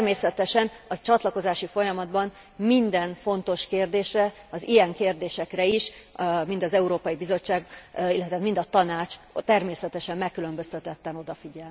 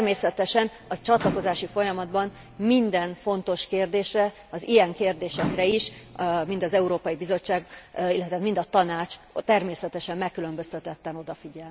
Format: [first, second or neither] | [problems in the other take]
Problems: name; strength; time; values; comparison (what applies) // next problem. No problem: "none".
first | background sound (Microwave oven); 14 dB below the speech